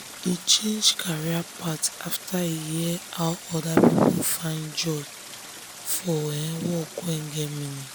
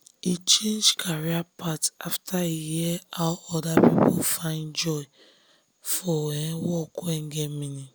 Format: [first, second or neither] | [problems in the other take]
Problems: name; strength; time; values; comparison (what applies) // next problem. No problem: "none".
second | background sound (Stream); 15 dB below the speech